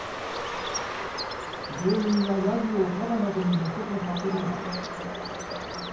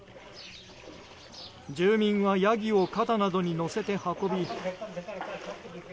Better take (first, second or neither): second